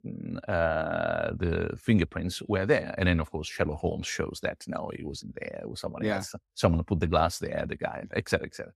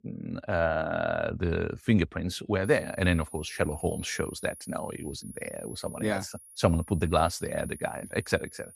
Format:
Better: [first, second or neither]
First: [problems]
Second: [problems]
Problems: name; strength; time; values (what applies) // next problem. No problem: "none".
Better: first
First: none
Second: high-pitched whine; noticeable; from 2.5 s on; 10.5 kHz, 15 dB below the speech